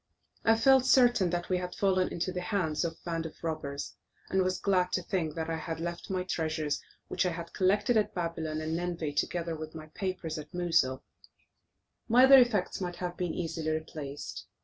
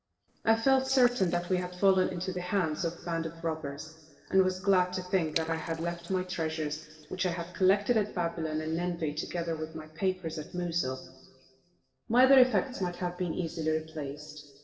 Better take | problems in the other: first | noise reduction (neural separator model SepFormer DNS4)

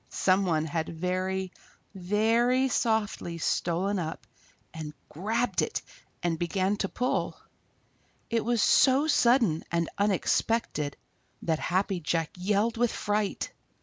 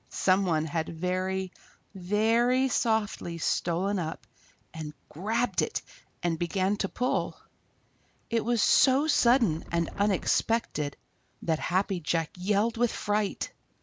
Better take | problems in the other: first | background sound (Wind); 11 dB below the speech

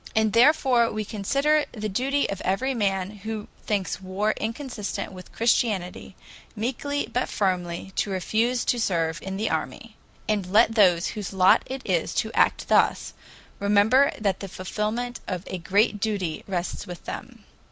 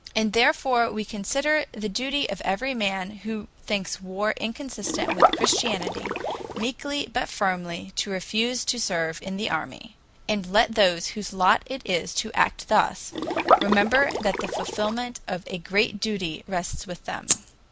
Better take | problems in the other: first | background sound (Rattle (instrument) + Liquid); 1 dB above the speech

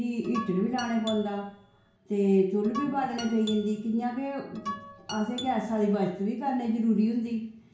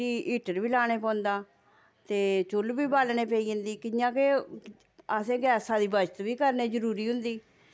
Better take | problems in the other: second | background sound (Guitar); 14 dB below the speech // room echo; dies away in 0.6 s

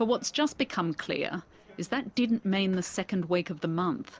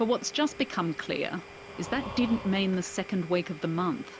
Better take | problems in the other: first | background sound (Domestic sounds, home sounds + Breathing); 14 dB below the speech

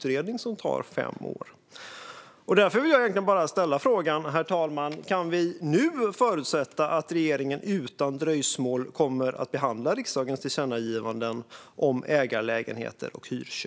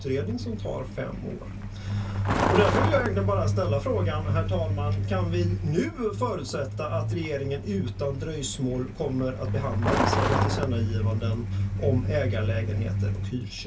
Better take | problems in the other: first | background sound (Truck); 2 dB above the speech // room echo; dies away in 0.1 s

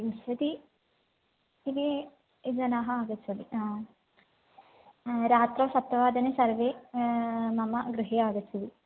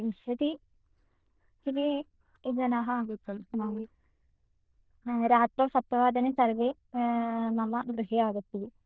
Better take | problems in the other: first | noise reduction (neural diffusion model UNIVERSE++)

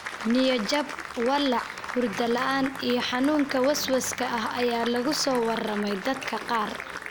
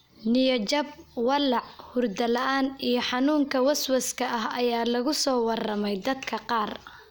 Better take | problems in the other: second | background sound (Applause); 10 dB below the speech

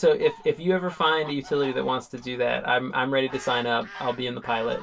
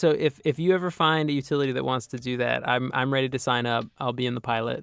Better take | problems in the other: second | background sound (Fowl); 18 dB below the speech // room echo; dies away in 0.1 s

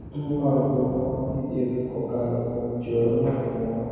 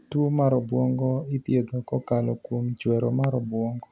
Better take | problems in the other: second | background sound (Thunder); 13 dB below the speech // room echo; dies away in 2.2 s

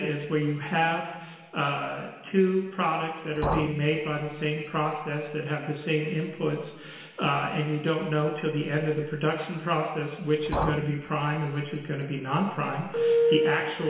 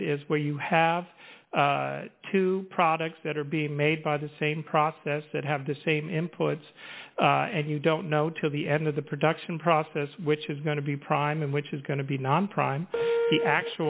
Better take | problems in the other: second | background sound (Liquid); 8 dB below the speech // room echo; dies away in 1.5 s

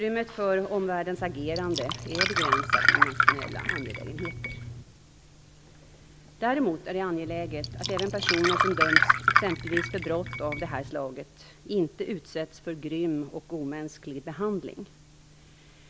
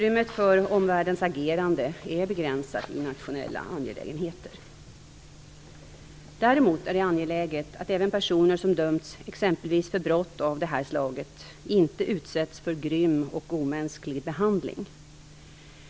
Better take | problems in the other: second | background sound (Glass); 5 dB above the speech

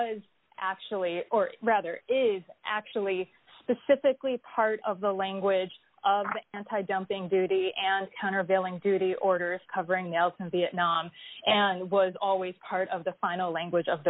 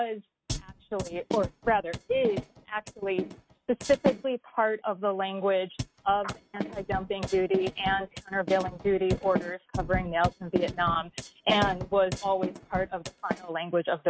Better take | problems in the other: first | noise reduction (neural mask model RNNoise)

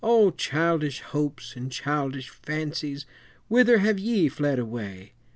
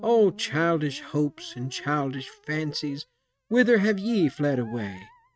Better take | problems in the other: first | noise reduction (neural mask model RNNoise)

